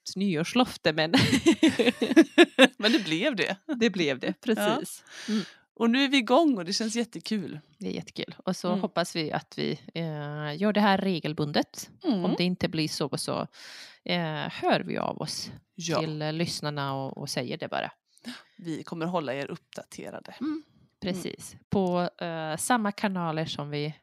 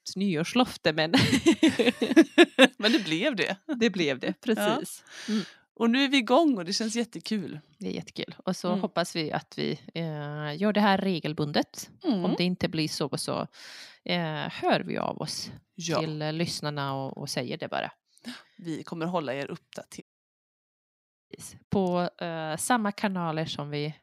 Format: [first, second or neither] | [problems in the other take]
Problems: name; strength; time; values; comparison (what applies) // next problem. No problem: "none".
first | audio cutting out; at 20 s for 1.5 s